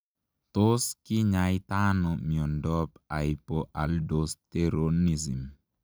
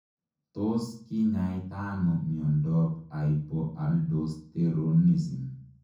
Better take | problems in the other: first | room echo; dies away in 0.6 s

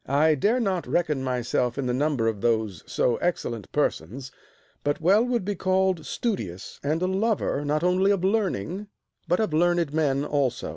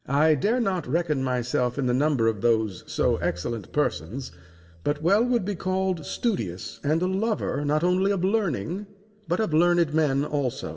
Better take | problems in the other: first | background sound (Bowed string instrument); 16 dB below the speech // room echo; dies away in 1.1 s

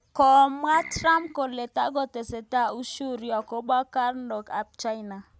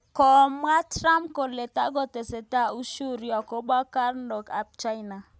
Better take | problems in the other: second | background sound (Keyboard (musical)); 15 dB below the speech

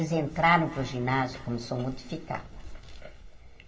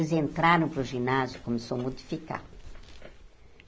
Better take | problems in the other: second | room echo; dies away in 2 s

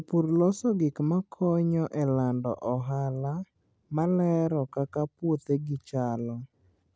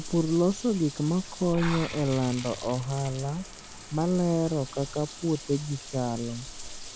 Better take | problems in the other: first | background sound (Bathtub (filling or washing) / Water); 11 dB below the speech

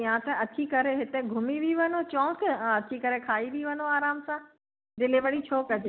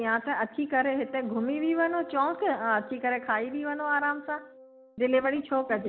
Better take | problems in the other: first | background sound (Wind instrument, woodwind instrument); 18 dB below the speech

